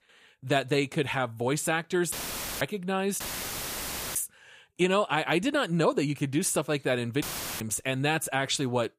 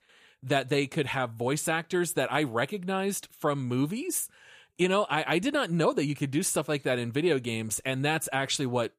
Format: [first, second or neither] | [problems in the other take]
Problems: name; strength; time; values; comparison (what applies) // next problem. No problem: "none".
second | audio cutting out; filled with static; at 2 s, at 3 s for 1 s and at 7 s